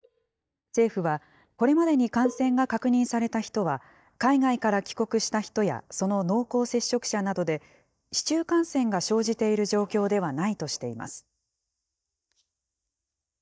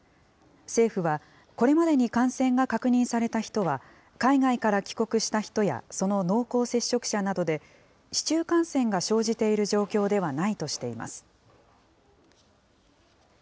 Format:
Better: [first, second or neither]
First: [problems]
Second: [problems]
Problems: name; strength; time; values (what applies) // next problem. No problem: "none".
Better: second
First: noise reduction (neural mask model DeepFilterNet 3)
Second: none